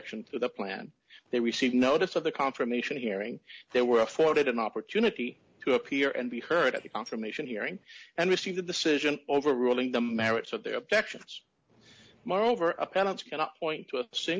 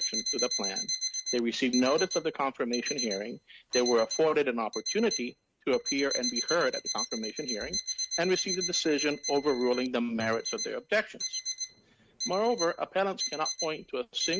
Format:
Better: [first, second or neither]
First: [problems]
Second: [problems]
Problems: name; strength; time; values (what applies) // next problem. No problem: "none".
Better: first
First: none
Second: noise reduction (neural mask model RNNoise)